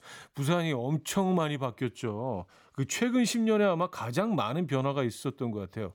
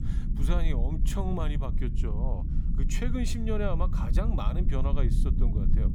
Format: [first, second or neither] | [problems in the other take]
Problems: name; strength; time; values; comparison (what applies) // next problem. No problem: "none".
first | low rumble; loud; throughout; 7 dB below the speech